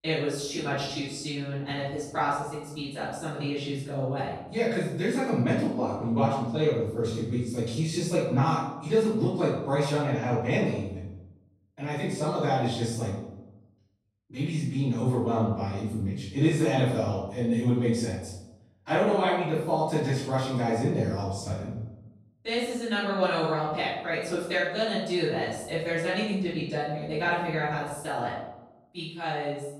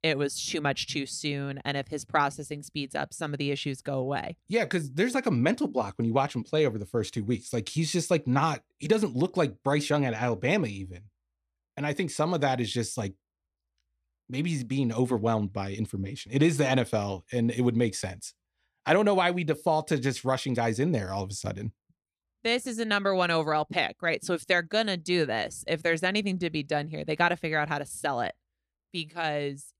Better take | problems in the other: second | off-mic speech; far // room echo; noticeable; dies away in 0.8 s

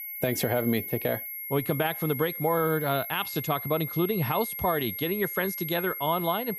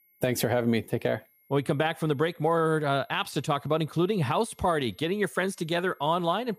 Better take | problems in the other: second | high-pitched whine; loud; throughout; 11.5 kHz, 5 dB below the speech; faint in the second

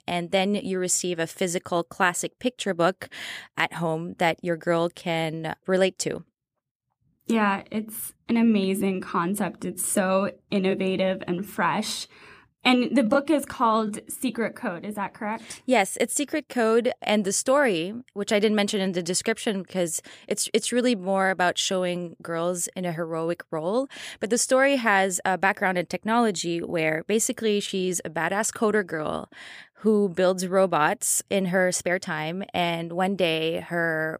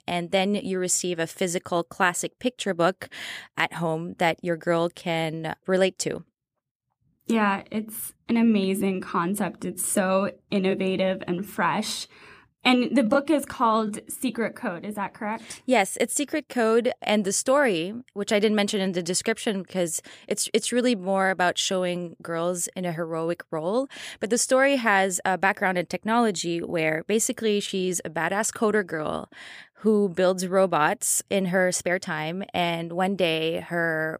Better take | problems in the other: neither | none

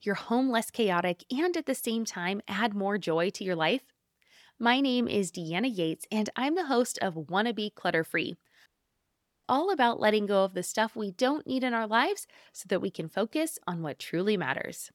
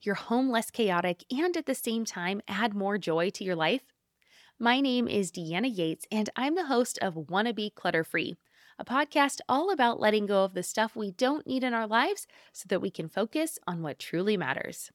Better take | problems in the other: second | audio cutting out; at 8.5 s for 1 s

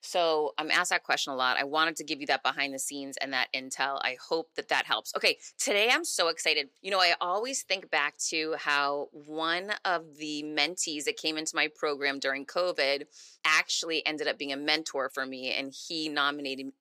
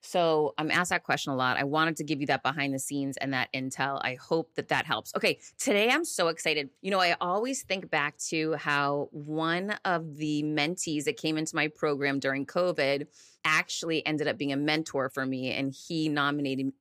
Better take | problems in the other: second | thin; somewhat; fading below 400 Hz

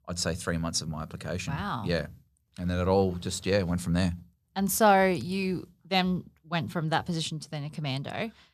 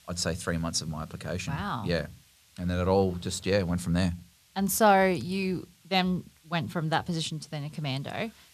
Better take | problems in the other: first | hiss; faint; throughout; 30 dB below the speech

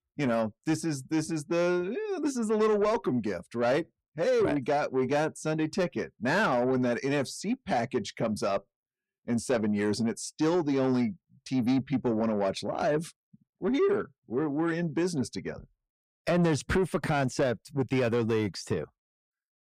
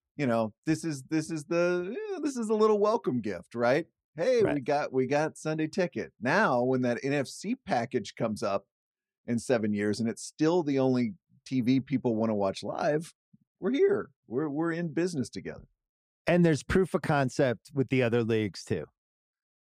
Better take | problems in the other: second | distortion; slight; 10 dB below the speech

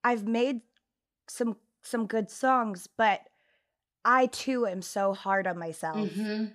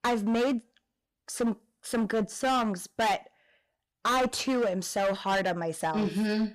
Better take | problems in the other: first | distortion; heavy; 14% of the sound clipped

